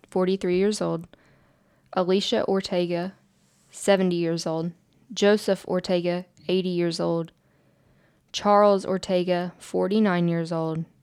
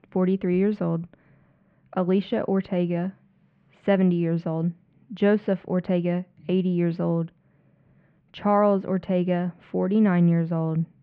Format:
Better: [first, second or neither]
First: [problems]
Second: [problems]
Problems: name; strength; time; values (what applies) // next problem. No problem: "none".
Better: first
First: none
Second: muffled; very; fading above 2.5 kHz